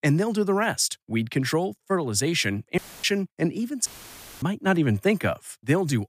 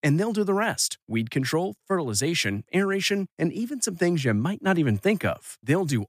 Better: second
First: audio cutting out; filled with static; at 3 s and at 4 s for 0.5 s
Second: none

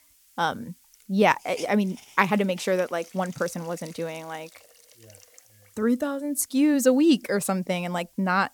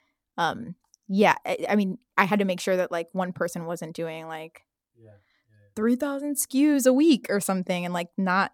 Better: second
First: hiss; faint; throughout; 25 dB below the speech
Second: none

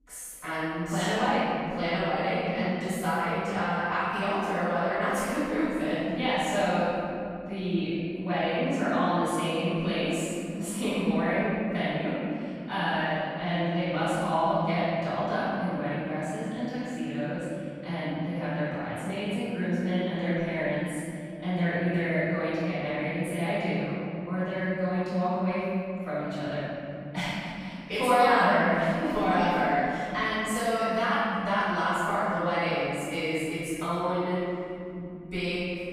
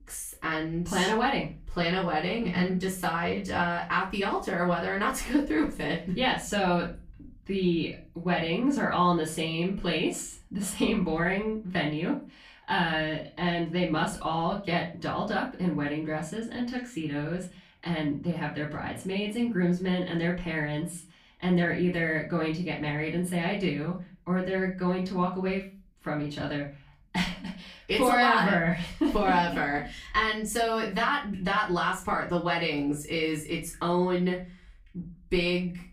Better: second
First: room echo; strong; dies away in 2.7 s // off-mic speech; far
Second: room echo; slight; dies away in 0.3 s // off-mic speech; far

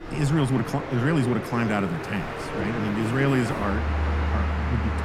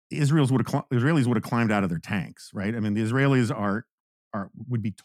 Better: second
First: train or aircraft noise; loud; throughout; 3 dB below the speech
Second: none

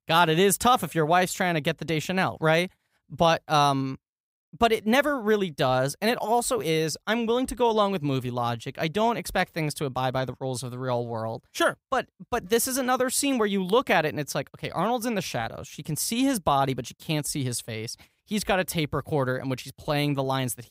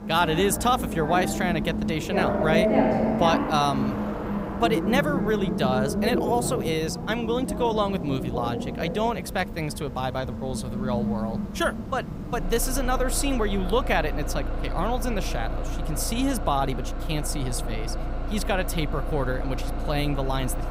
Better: first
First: none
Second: traffic noise; loud; throughout; 2 dB below the speech

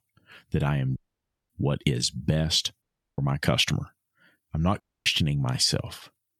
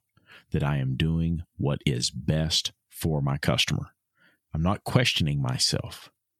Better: second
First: audio cutting out; at 1 s for 0.5 s, at 3 s and at 5 s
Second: none

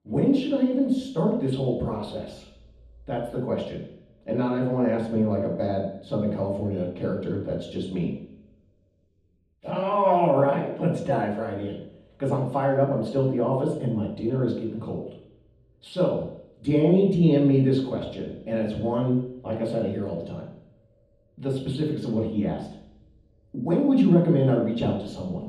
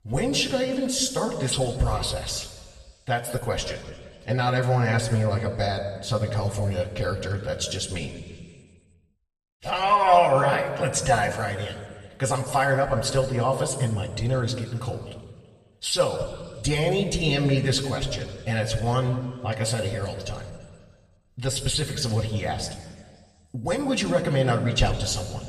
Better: second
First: room echo; strong; dies away in 0.9 s // off-mic speech; far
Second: room echo; slight; dies away in 1.4 s // off-mic speech; somewhat distant

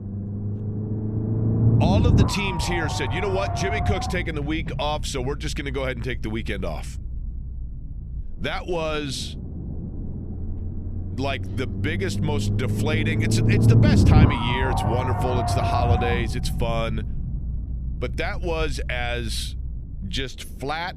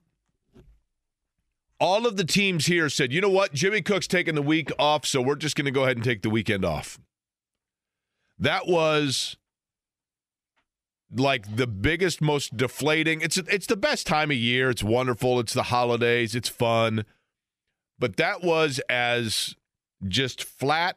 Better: second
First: low rumble; loud; throughout; 1 dB below the speech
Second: none

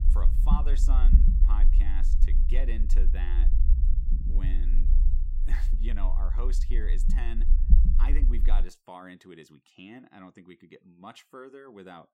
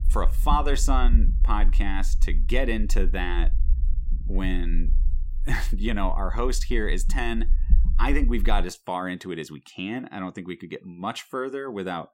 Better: second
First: low rumble; loud; until 8.5 s; 5 dB below the speech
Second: low rumble; faint; until 8.5 s; 20 dB below the speech

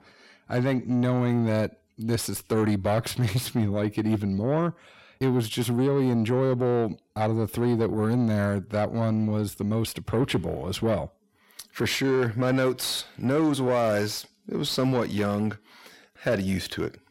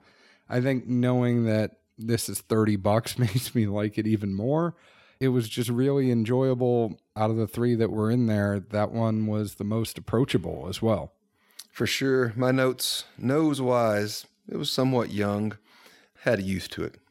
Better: second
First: distortion; slight; 10 dB below the speech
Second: none

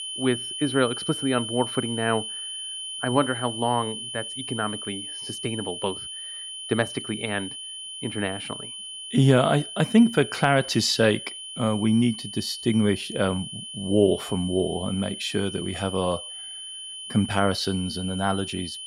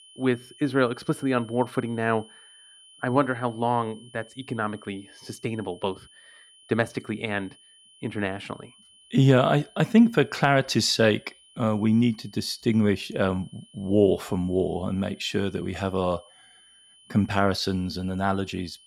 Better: second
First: high-pitched whine; loud; throughout; 3 kHz, 8 dB below the speech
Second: high-pitched whine; faint; throughout; 3 kHz, 25 dB below the speech

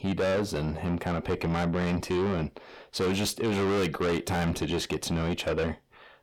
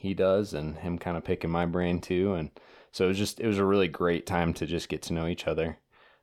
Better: second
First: distortion; heavy; 6 dB below the speech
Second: none

